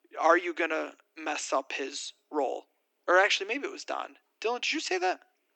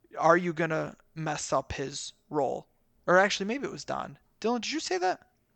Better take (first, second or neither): second